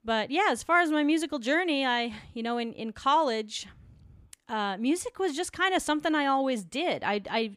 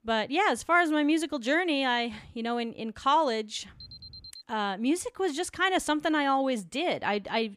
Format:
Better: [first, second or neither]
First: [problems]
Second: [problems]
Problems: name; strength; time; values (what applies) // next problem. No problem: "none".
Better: first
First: none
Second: alarm; faint; at 4 s; peak 15 dB below the speech